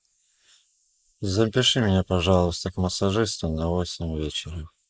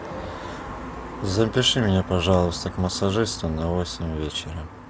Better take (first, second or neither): second